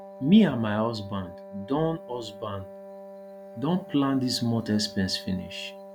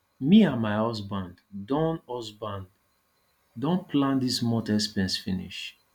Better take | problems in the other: second | background sound (Wind instrument, woodwind instrument); 16 dB below the speech

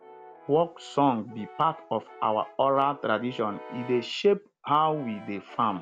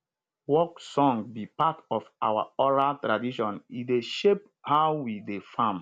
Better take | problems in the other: second | background sound (Brass instrument); 19 dB below the speech

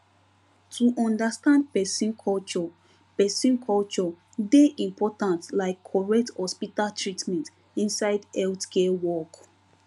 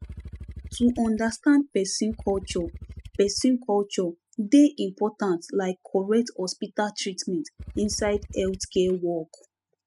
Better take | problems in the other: first | noise reduction (classical method spectral subtraction)

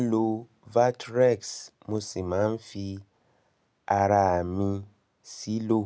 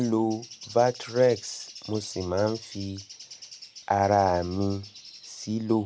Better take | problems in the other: first | background sound (Bird); 19 dB below the speech

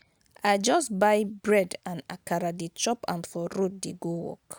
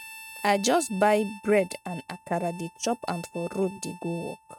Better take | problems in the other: first | noise reduction (neural mask model RNNoise)

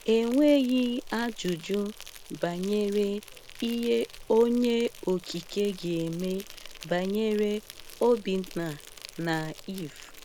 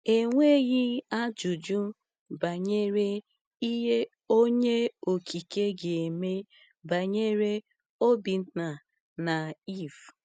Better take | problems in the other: second | background sound (Insect); 17 dB below the speech

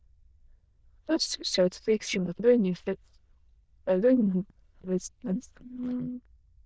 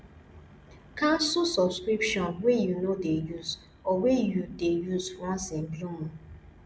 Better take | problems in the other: second | noise reduction (neural diffusion model UNIVERSE++)

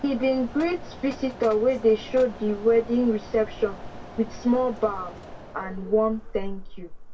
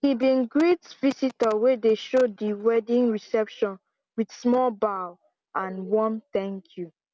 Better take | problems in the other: second | background sound (Mechanisms); 13 dB below the speech // room echo; dies away in 0.1 s

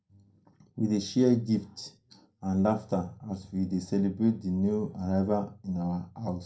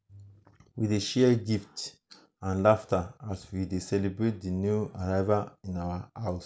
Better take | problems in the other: second | room echo; dies away in 0.2 s

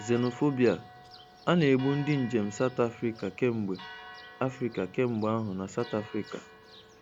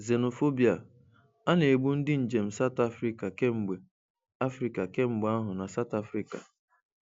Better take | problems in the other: second | background sound (Church bell); 18 dB below the speech

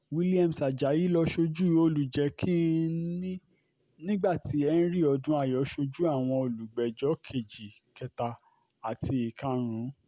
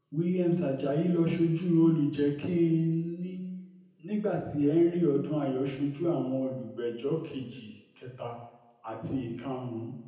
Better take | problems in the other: first | room echo; dies away in 0.9 s

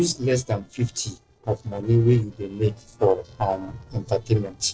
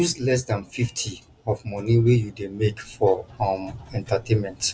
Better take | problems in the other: second | noise reduction (neural separator model SepFormer DNS4)

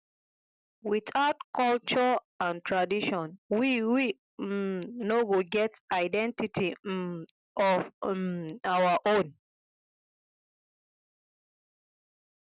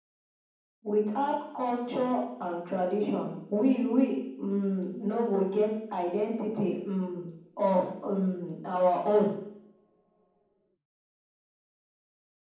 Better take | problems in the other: first | room echo; dies away in 1.2 s

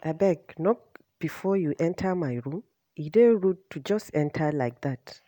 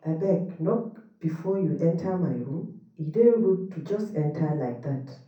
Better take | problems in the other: first | room echo; dies away in 0.6 s

